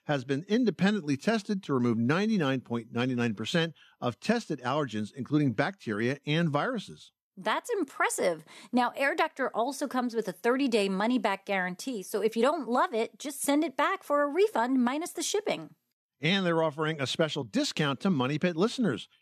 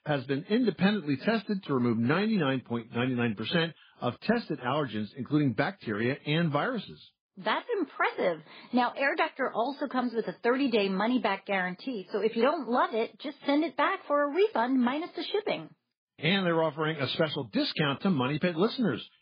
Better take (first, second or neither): first